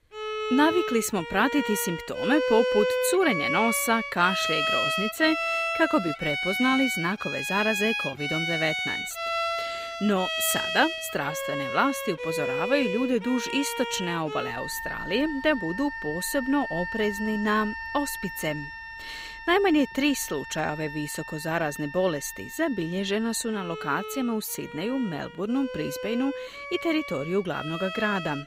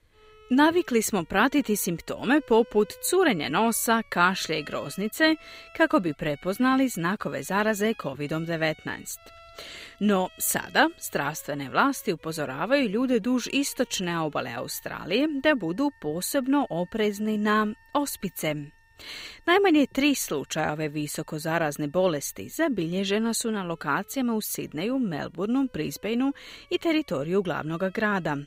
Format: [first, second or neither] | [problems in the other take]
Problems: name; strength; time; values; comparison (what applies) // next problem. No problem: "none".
second | background music; loud; throughout; 3 dB below the speech; faint in the second